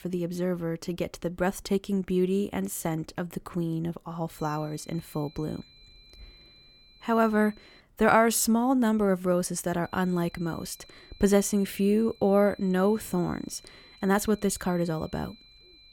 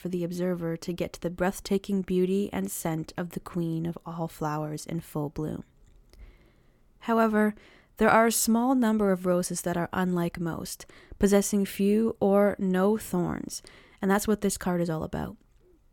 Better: second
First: high-pitched whine; faint; from 4.5 to 8 s and from 10 s on; 4 kHz, 25 dB below the speech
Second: none

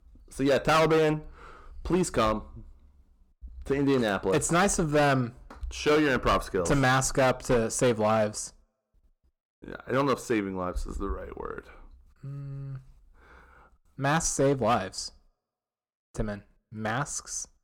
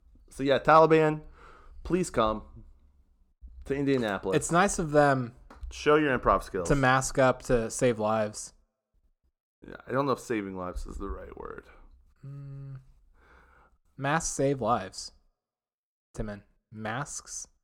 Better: second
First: distortion; heavy; 6% of the sound clipped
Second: none

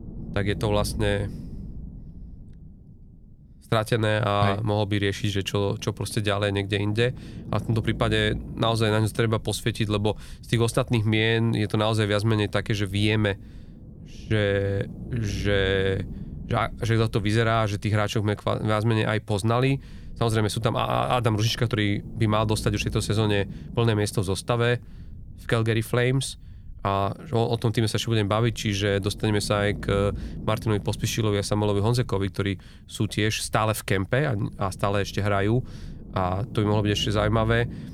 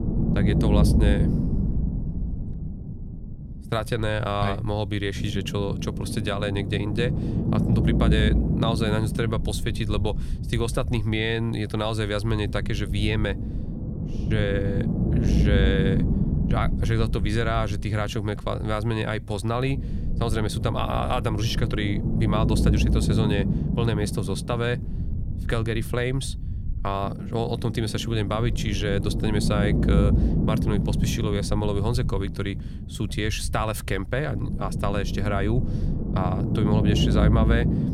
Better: first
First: low rumble; faint; throughout; 20 dB below the speech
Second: low rumble; loud; throughout; 6 dB below the speech

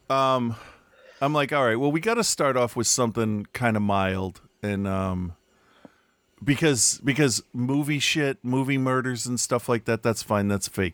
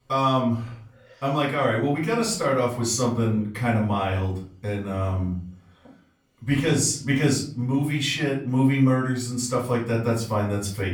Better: first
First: none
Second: off-mic speech; far // room echo; slight; dies away in 0.5 s

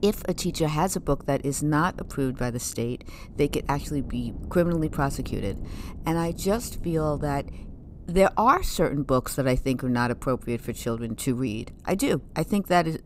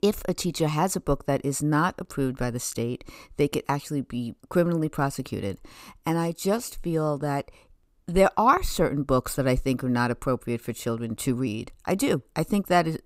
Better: second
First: wind noise on the microphone; occasional gusts; 25 dB below the speech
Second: none

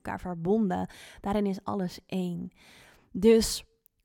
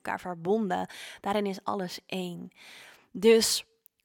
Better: first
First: none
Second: thin; very slightly; fading below 1 kHz

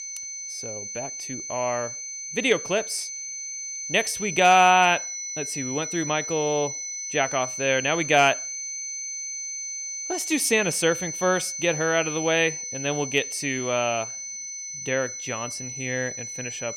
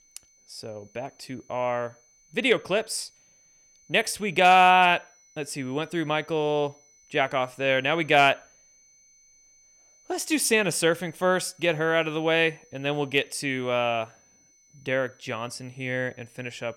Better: second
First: high-pitched whine; loud; throughout; 6 kHz, 7 dB below the speech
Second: high-pitched whine; faint; throughout; 6 kHz, 30 dB below the speech

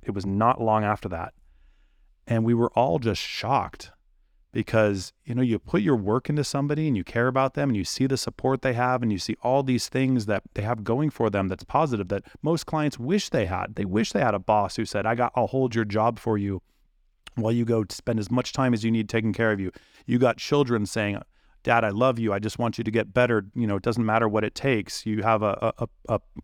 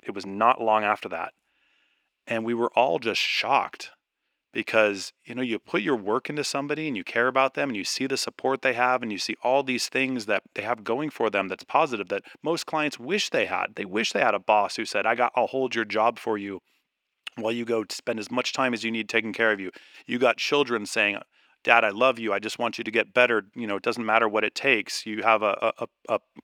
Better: first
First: none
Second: thin; somewhat; fading below 350 Hz

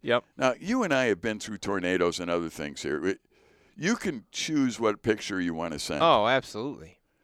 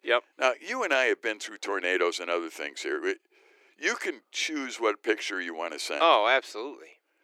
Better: first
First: none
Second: thin; somewhat; fading below 350 Hz

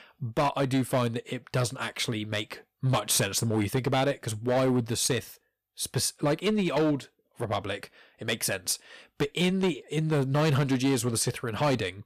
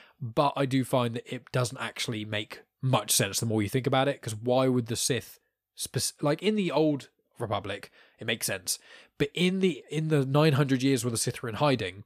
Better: second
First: distortion; slight; 8% of the sound clipped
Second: none

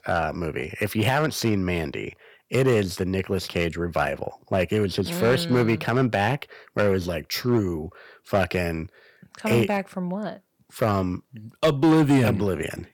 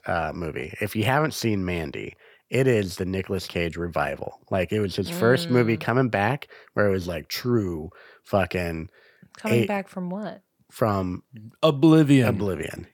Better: second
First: distortion; slight; 4% of the sound clipped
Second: none

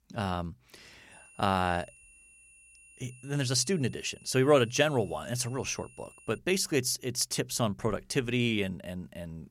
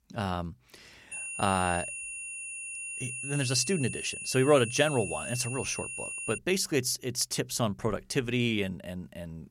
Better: first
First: high-pitched whine; faint; from 1 to 6.5 s; 2.5 kHz, 25 dB below the speech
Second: high-pitched whine; loud; from 1 to 6.5 s; 2.5 kHz, 7 dB below the speech

